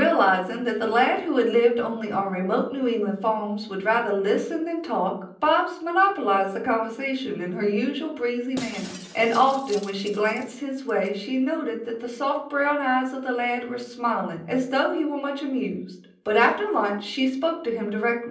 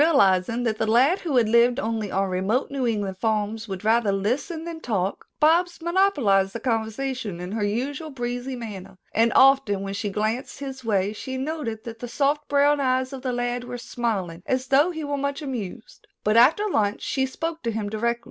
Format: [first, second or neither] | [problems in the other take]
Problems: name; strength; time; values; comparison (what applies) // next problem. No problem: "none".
second | background sound (Shatter); 19 dB below the speech // room echo; dies away in 0.6 s